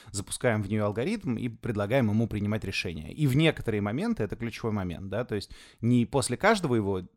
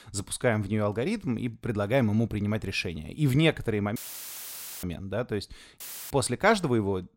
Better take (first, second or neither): first